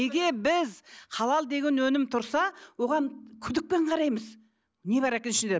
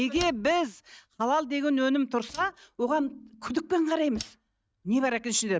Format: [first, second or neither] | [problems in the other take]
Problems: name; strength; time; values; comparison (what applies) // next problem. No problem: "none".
first | noise reduction (neural mask model RNNoise)